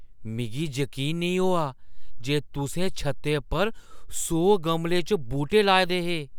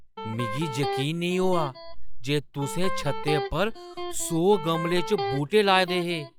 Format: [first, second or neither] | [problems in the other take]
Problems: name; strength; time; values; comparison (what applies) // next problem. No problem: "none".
first | noise reduction (classical method log-MMSE)